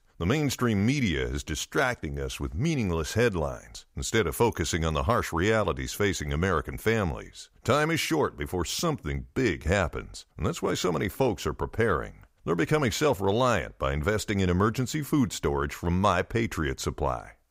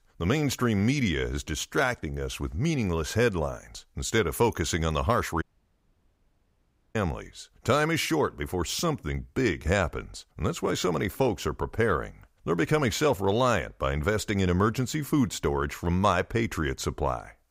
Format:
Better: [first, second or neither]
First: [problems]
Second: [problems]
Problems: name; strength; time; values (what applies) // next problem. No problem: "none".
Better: first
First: none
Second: audio cutting out; at 5.5 s for 1.5 s